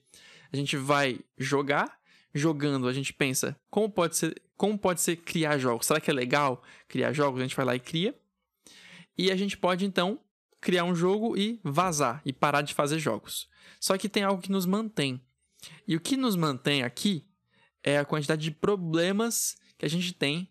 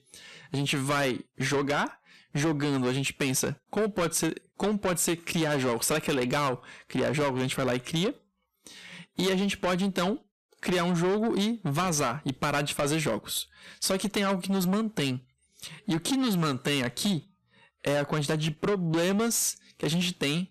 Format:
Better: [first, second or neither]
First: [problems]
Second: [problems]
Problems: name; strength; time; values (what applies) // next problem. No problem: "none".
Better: first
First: none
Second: distortion; heavy; 7 dB below the speech